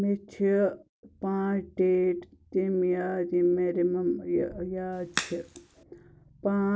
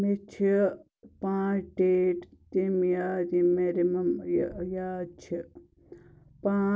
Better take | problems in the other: second | background sound (Crack); 9 dB below the speech

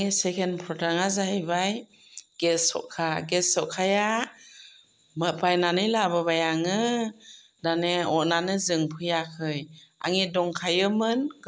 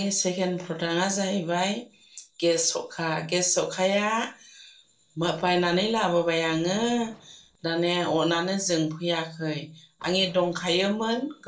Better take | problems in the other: first | noise reduction (neural separator model SepFormer DNS4)

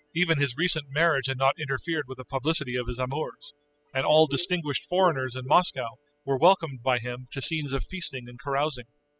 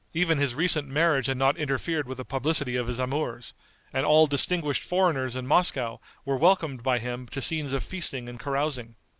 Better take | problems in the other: second | noise reduction (classical method spectral subtraction)

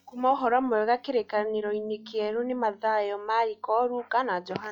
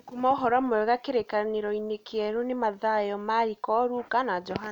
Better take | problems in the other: second | noise reduction (classical method log-MMSE)

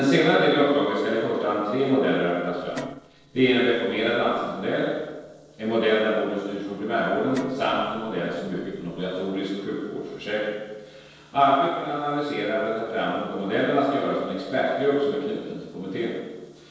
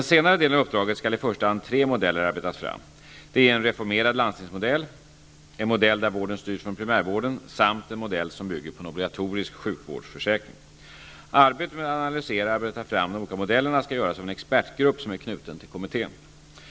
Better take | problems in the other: second | noise reduction (neural separator model SepFormer DNS4)

